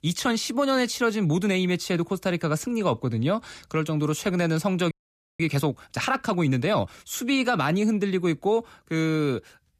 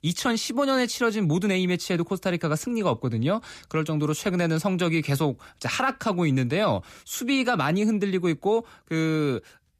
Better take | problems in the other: second | audio freezing; at 5 s

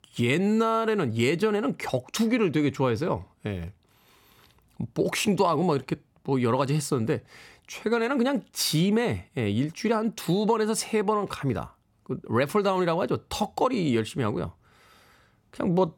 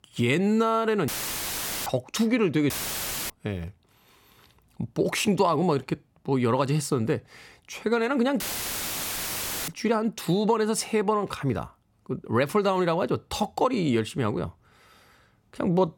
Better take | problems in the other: first | audio cutting out; filled with static; at 1 s for 1 s, at 2.5 s for 0.5 s and at 8.5 s for 1.5 s

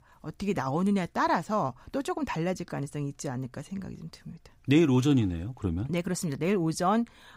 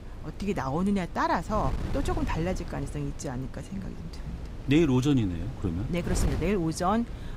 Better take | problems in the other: first | wind noise on the microphone; occasional gusts; 15 dB below the speech

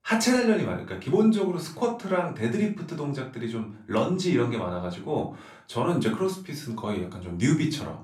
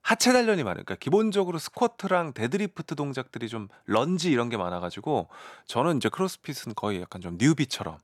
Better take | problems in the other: second | off-mic speech; somewhat distant // room echo; slight; dies away in 0.4 s

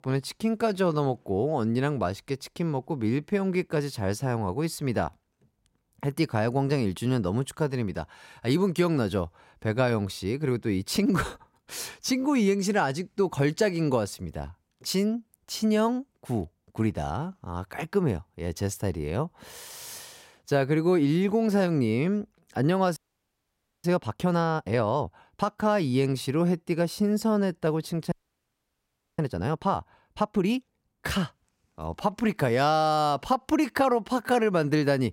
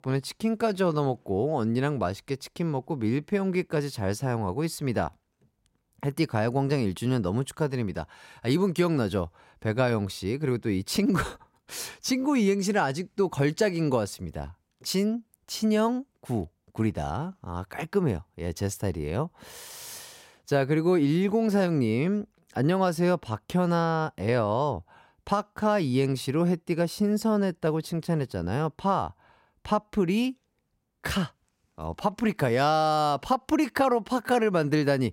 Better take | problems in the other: second | audio freezing; at 23 s for 1 s and at 28 s for 1 s

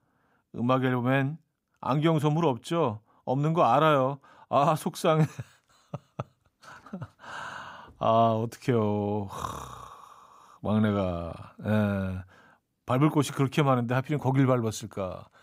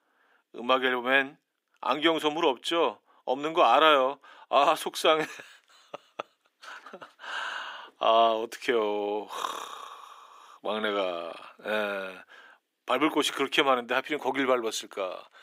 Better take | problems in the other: first | thin; somewhat; fading below 350 Hz

